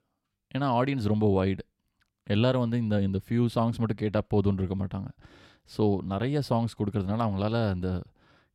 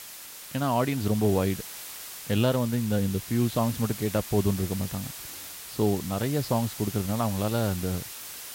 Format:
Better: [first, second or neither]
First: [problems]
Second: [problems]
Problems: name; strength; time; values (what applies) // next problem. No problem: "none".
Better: first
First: none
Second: hiss; noticeable; throughout; 10 dB below the speech